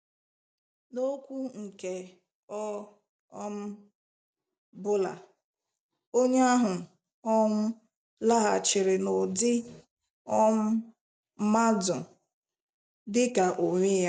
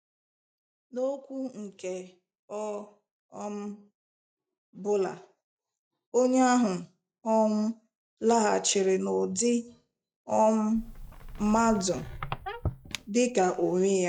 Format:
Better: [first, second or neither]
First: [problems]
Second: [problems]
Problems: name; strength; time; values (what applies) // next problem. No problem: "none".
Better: first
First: none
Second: noise reduction (classical method log-MMSE)